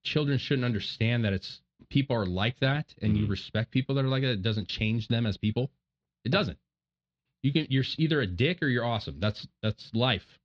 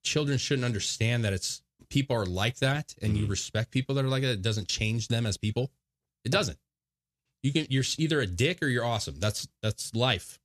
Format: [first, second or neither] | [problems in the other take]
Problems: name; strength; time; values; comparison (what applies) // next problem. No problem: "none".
second | muffled; slightly; fading above 4 kHz